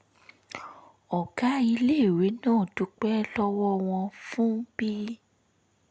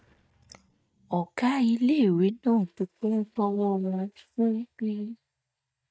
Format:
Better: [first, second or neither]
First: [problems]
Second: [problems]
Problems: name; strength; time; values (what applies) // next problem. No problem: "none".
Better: first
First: none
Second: noise reduction (neural mask model DeepFilterNet 3)